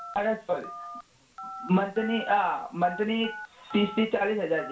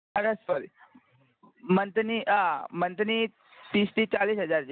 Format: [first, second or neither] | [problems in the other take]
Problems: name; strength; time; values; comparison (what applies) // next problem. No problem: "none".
second | background sound (Telephone); 14 dB below the speech // room echo; dies away in 0.3 s